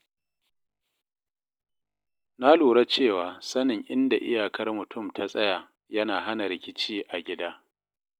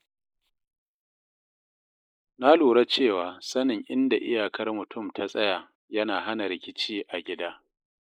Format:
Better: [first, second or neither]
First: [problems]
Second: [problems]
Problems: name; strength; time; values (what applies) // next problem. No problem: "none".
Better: first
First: none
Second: noise reduction (neural mask model Resemble Enhance denoiser)